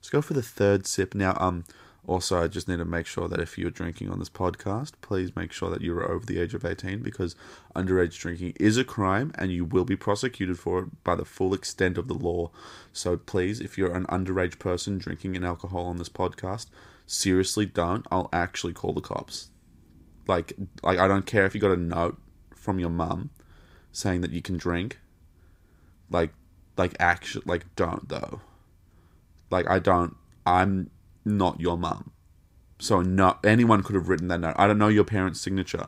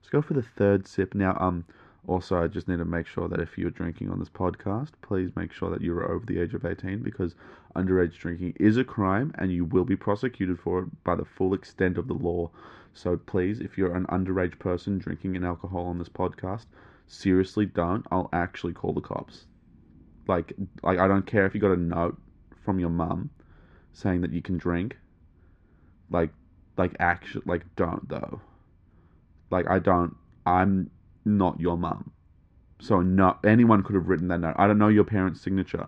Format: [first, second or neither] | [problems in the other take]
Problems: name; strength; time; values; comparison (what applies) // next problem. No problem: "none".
first | muffled; very; fading above 2 kHz